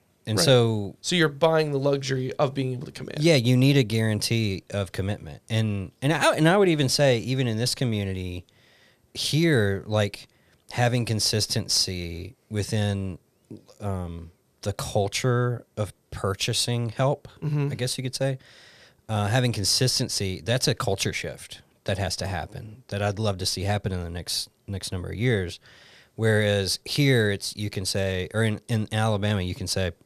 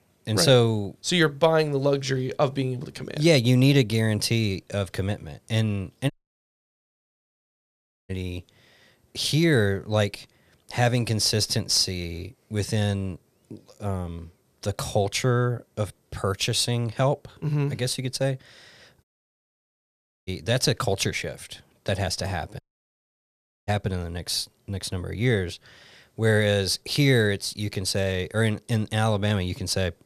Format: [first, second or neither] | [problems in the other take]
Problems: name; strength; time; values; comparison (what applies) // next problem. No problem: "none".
first | audio cutting out; at 6 s for 2 s, at 19 s for 1 s and at 23 s for 1 s